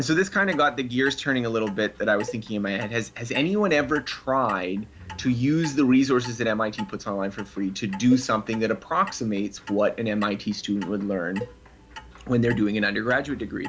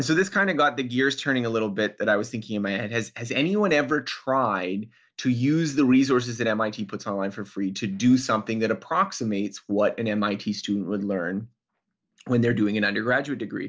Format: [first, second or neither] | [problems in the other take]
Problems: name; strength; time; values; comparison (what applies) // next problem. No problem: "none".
second | background sound (Cowbell + Clock); 18 dB below the speech